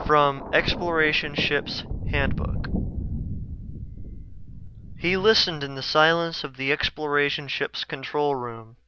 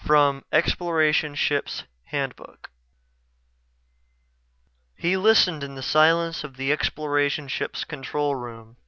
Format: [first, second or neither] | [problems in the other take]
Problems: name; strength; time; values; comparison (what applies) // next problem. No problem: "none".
second | background sound (Thunder); 7 dB below the speech